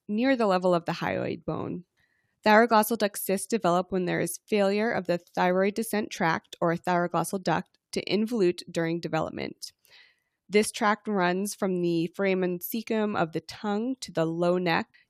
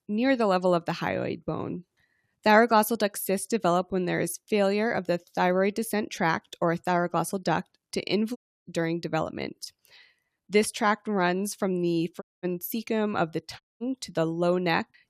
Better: first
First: none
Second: audio cutting out; at 8.5 s, at 12 s and at 14 s

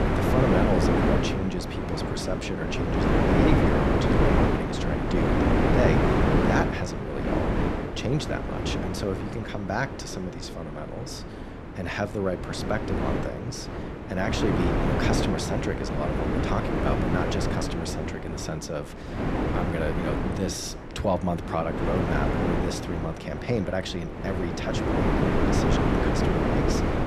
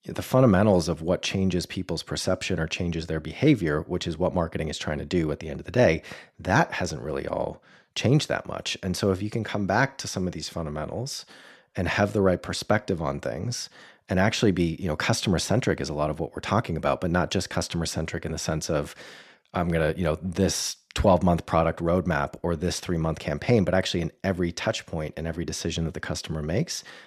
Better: second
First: wind noise on the microphone; heavy; 3 dB above the speech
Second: none

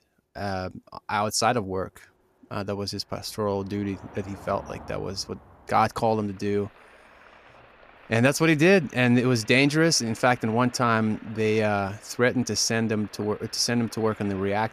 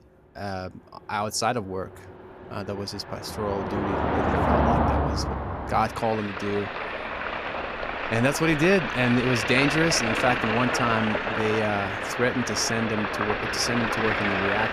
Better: first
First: traffic noise; faint; throughout; 25 dB below the speech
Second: traffic noise; loud; throughout; as loud as the speech

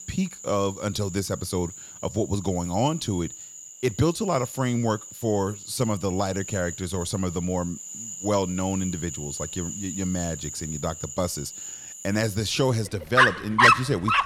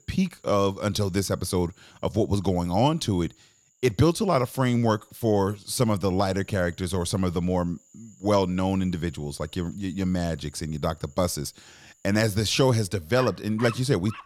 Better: second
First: animal sounds; loud; throughout; 1 dB below the speech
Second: animal sounds; faint; throughout; 25 dB below the speech

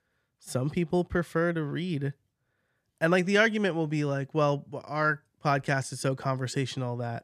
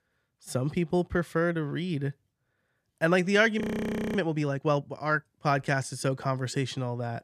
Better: first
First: none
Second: audio freezing; at 3.5 s for 0.5 s

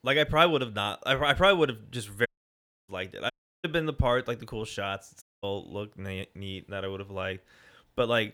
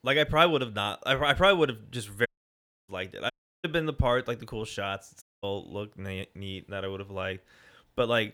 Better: neither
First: audio cutting out; at 2.5 s for 0.5 s, at 3.5 s and at 5 s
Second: audio cutting out; at 2.5 s for 0.5 s, at 3.5 s and at 5 s

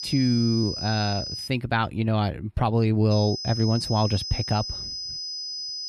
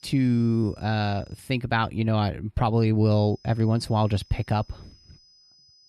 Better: second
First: high-pitched whine; loud; until 1.5 s and from 3 s on; 5 kHz, 6 dB below the speech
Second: high-pitched whine; faint; until 1.5 s and from 3 s on; 5 kHz, 30 dB below the speech

